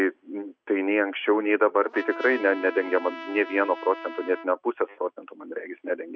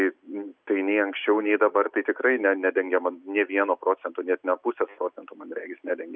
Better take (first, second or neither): second